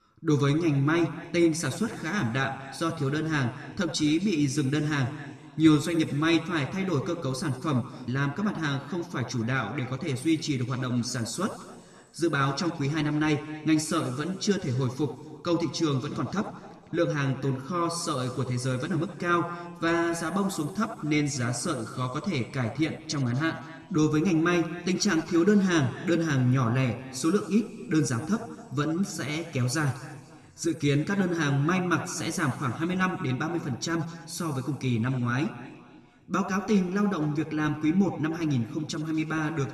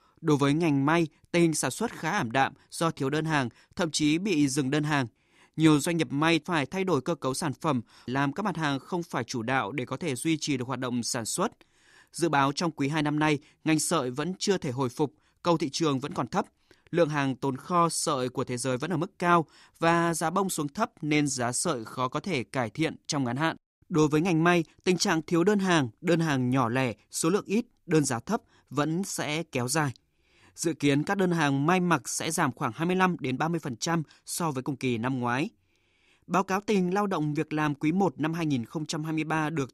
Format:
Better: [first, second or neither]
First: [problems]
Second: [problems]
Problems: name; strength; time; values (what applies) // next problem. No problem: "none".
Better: second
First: room echo; slight; dies away in 1.7 s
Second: none